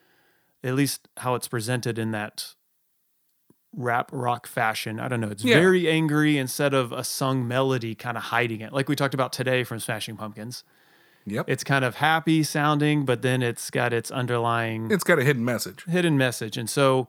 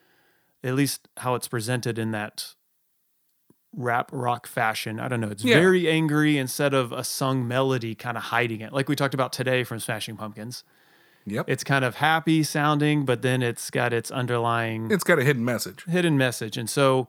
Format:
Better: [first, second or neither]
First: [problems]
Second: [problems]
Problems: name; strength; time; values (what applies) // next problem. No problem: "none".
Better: neither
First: none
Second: none